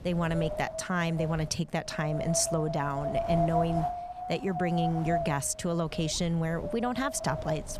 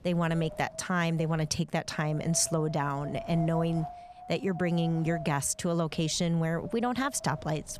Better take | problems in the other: second | wind noise on the microphone; heavy; 1 dB below the speech; occasional gusts in the second

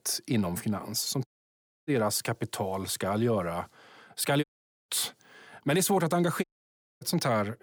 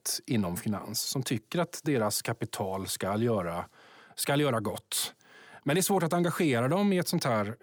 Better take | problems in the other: second | audio cutting out; at 1.5 s for 0.5 s, at 4.5 s and at 6.5 s for 0.5 s

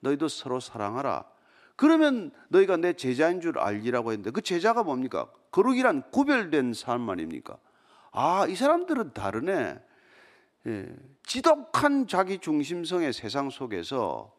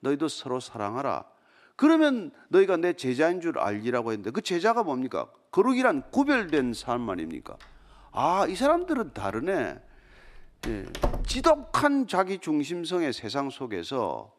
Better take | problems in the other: first | door banging; noticeable; from 6.5 to 12 s; peak 5 dB below the speech

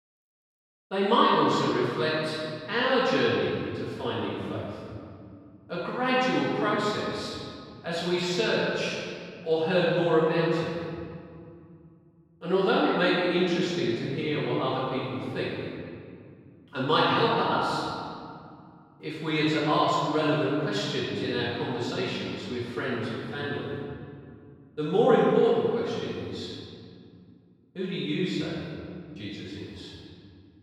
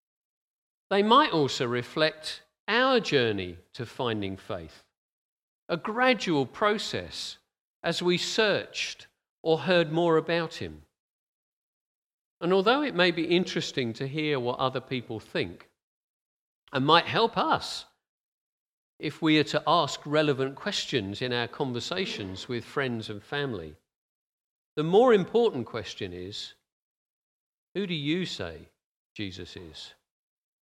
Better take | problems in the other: second | off-mic speech; far // room echo; strong; dies away in 2.2 s

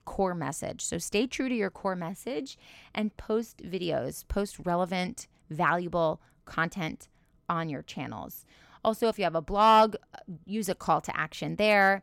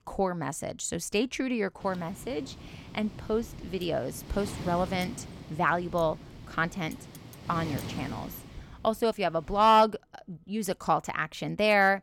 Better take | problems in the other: first | wind noise on the microphone; occasional gusts; from 2 to 9.5 s; 20 dB below the speech

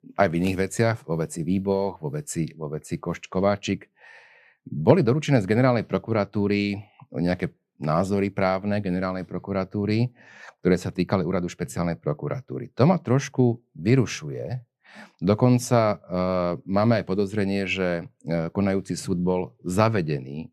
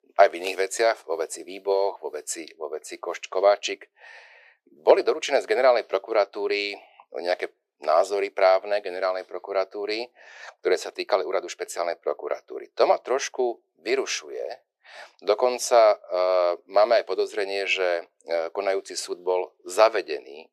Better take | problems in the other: first | thin; very; fading below 400 Hz

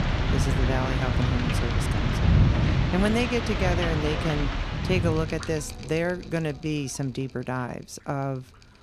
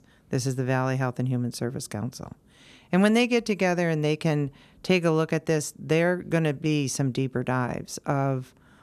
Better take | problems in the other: second | rain or running water; very loud; throughout; 3 dB above the speech

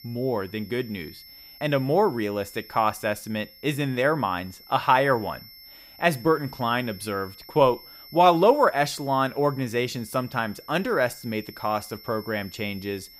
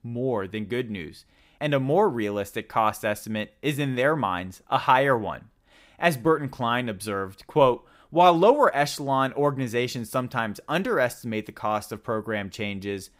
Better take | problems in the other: second | high-pitched whine; noticeable; throughout; 5.5 kHz, 20 dB below the speech

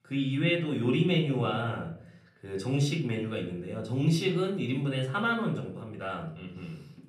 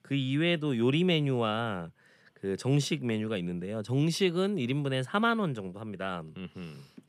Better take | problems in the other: second | off-mic speech; somewhat distant // room echo; slight; dies away in 0.5 s

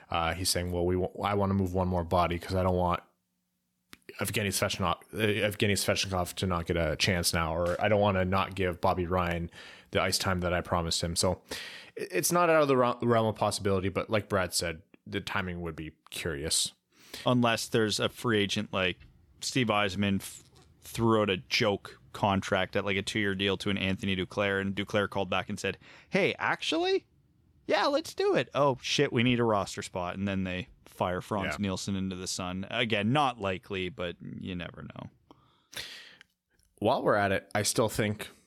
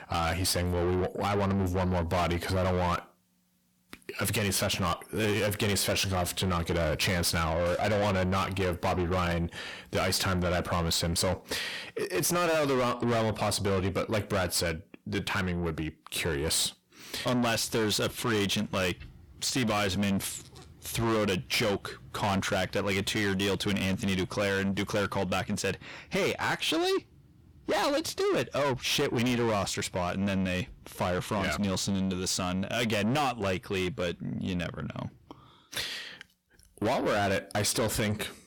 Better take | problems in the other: first | distortion; heavy; 6 dB below the speech

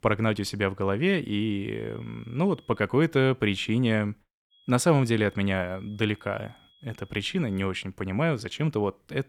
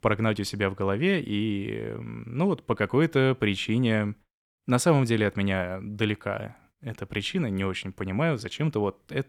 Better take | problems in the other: second | high-pitched whine; faint; from 1.5 to 3 s and from 4.5 to 7.5 s; 3.5 kHz, 30 dB below the speech

